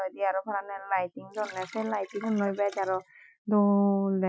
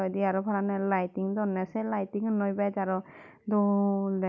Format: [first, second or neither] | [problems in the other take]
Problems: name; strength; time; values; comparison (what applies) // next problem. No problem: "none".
second | noise reduction (classical method Wiener filter)